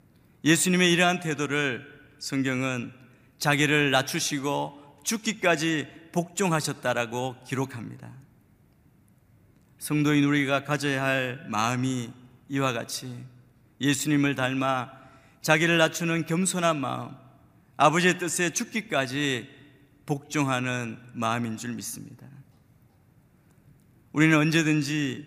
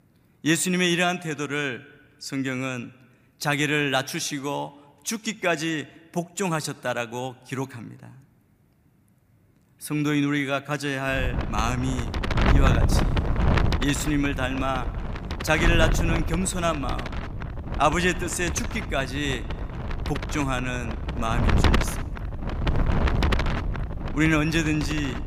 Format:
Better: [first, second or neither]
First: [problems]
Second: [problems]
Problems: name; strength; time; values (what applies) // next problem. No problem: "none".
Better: first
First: none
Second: wind noise on the microphone; heavy; from 11 s on; 5 dB below the speech